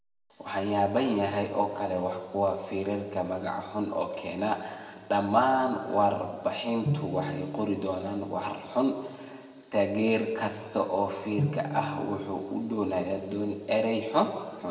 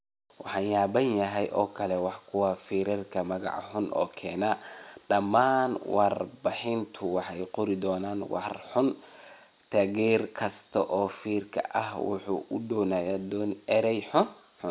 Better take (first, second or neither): second